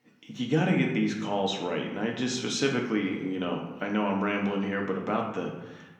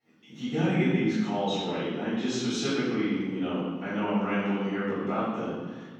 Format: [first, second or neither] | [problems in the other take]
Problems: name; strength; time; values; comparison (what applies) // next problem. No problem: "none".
first | room echo; strong; dies away in 1.5 s; slight in the first // off-mic speech; far; somewhat distant in the first